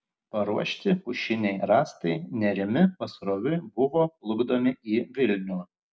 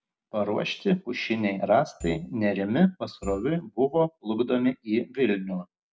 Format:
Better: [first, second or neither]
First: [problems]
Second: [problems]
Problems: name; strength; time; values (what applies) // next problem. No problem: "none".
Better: first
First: none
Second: background sound (Marimba, xylophone / Wood); 15 dB below the speech